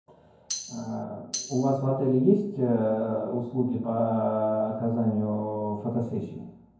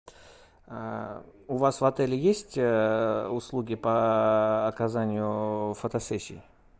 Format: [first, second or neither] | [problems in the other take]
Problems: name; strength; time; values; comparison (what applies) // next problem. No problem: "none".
second | background sound (Tambourine); 10 dB below the speech // room echo; dies away in 0.9 s